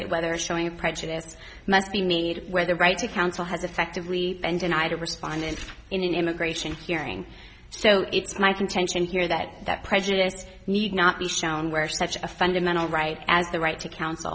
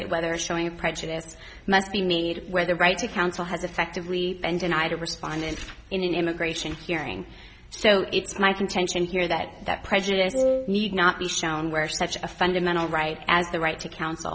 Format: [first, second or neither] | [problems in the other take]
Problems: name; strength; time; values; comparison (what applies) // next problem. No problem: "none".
first | background sound (Wind instrument, woodwind instrument); 1 dB above the speech